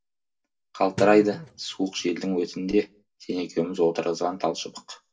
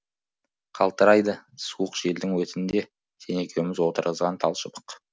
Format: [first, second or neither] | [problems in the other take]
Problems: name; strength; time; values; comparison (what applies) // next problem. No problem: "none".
second | noise reduction (neural separator model SepFormer DNS4)